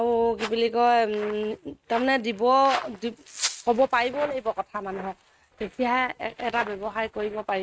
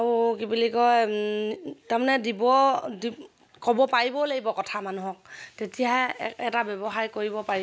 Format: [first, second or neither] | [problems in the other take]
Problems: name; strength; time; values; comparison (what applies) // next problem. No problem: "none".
second | noise reduction (neural mask model RNNoise)